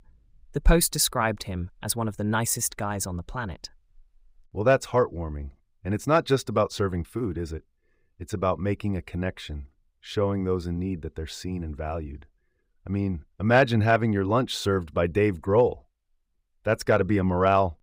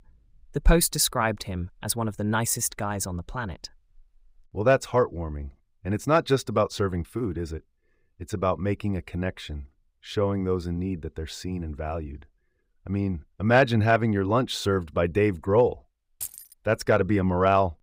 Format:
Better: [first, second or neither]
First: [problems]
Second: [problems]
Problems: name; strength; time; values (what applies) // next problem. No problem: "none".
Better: first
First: none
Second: jangling keys; noticeable; at 16 s; peak 10 dB below the speech